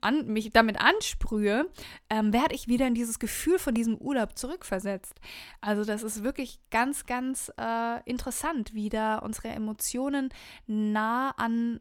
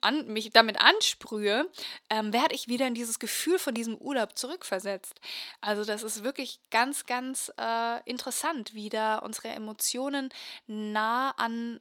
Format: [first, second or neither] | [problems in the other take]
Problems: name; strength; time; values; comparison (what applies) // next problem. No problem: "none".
first | thin; very slightly; fading below 350 Hz